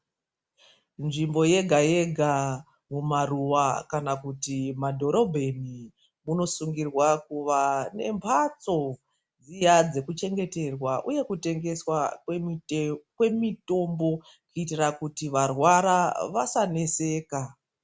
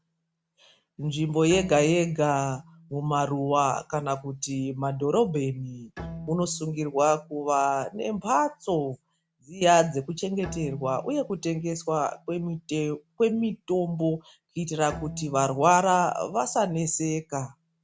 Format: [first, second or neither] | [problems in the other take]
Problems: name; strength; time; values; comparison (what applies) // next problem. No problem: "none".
first | background sound (Bowed string instrument); 19 dB below the speech